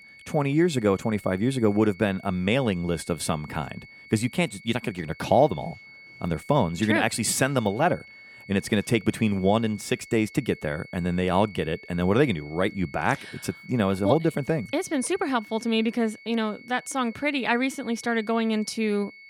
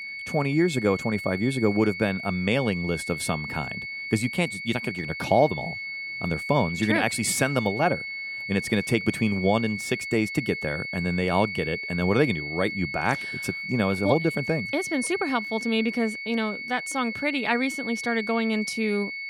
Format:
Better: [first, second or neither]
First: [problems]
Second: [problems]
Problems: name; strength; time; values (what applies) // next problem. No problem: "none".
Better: first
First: high-pitched whine; faint; throughout; 2 kHz, 20 dB below the speech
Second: high-pitched whine; loud; throughout; 2 kHz, 6 dB below the speech